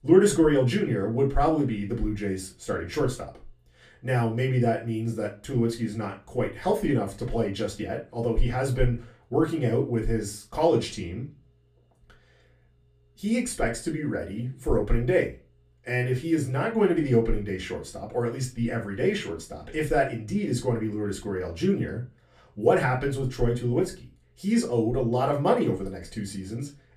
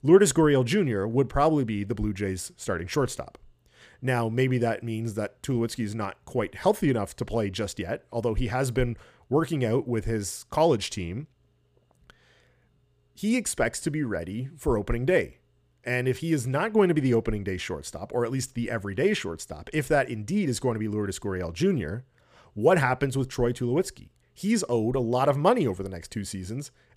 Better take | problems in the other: second | off-mic speech; far // room echo; very slight; dies away in 0.2 s

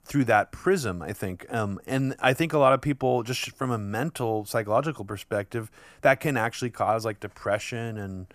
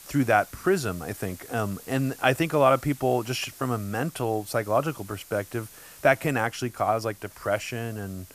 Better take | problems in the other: first | hiss; noticeable; throughout; 20 dB below the speech

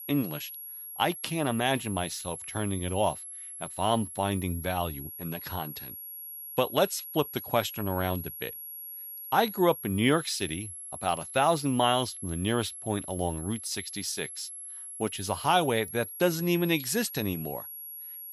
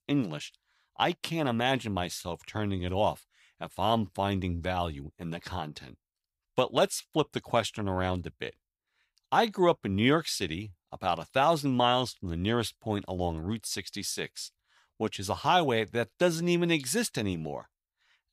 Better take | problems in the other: second | high-pitched whine; loud; throughout; 11.5 kHz, 9 dB below the speech

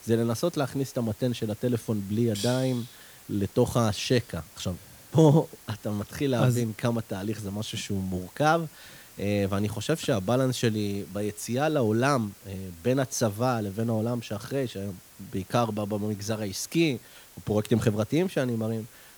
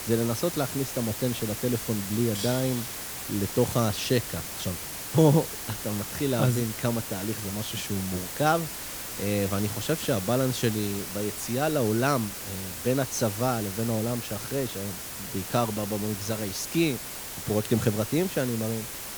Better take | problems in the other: first | hiss; loud; throughout; 6 dB below the speech; faint in the first

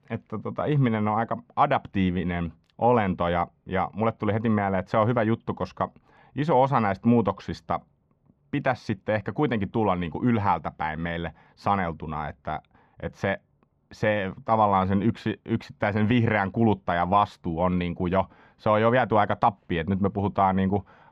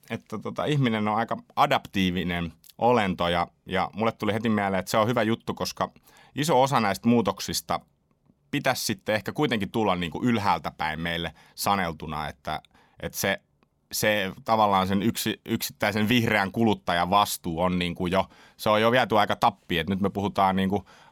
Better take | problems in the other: second | muffled; very; fading above 2 kHz

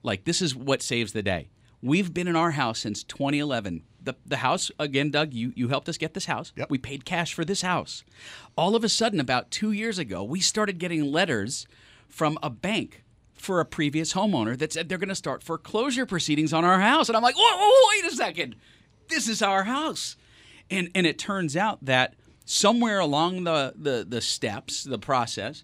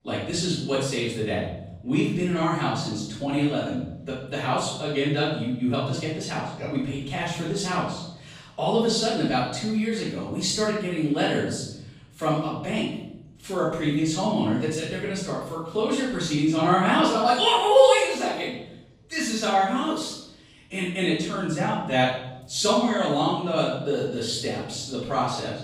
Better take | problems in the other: first | room echo; noticeable; dies away in 0.9 s // off-mic speech; far

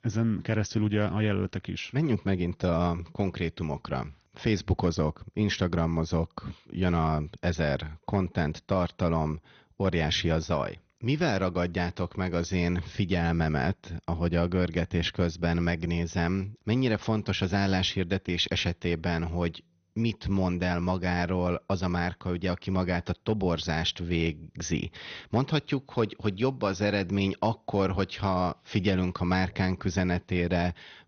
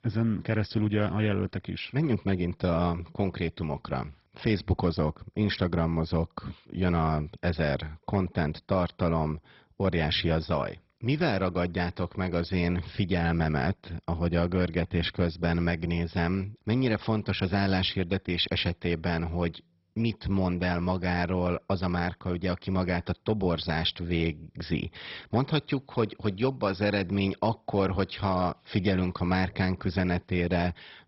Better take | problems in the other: first | garbled, watery; badly; nothing above 5.5 kHz; slightly in the first

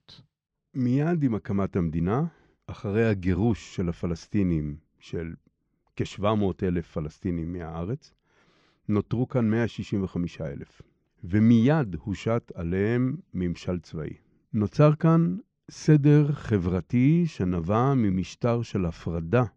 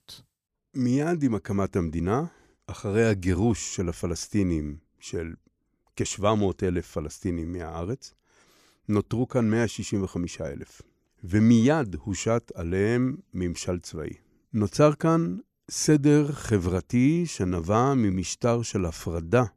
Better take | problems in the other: second | muffled; slightly; fading above 4 kHz

